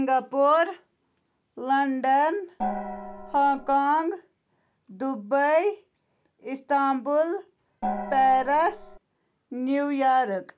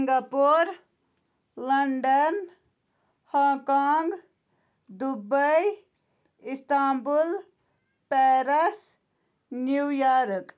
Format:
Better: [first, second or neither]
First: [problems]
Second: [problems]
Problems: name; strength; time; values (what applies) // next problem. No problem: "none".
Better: second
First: background sound (Gong); 8 dB below the speech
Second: none